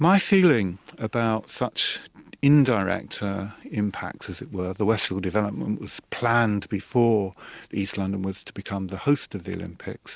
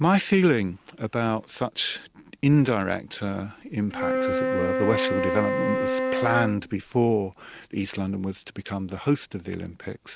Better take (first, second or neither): first